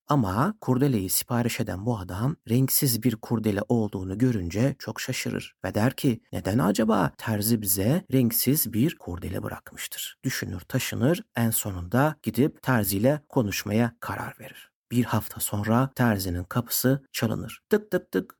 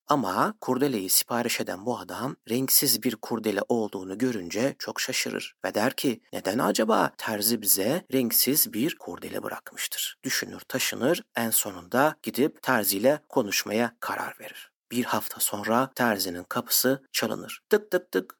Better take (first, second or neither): first